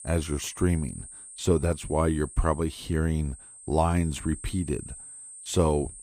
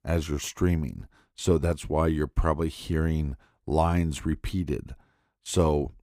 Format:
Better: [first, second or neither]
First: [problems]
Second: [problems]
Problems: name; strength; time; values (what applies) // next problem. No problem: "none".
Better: second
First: high-pitched whine; noticeable; throughout; 8.5 kHz, 15 dB below the speech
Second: none